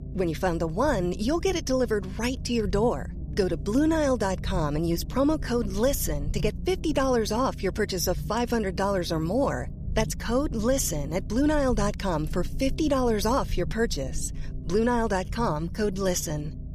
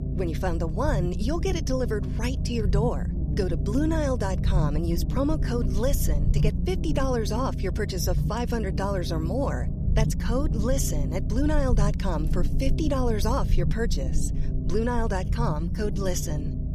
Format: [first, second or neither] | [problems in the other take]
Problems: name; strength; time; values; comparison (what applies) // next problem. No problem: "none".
first | low rumble; loud; throughout; 9 dB below the speech; faint in the first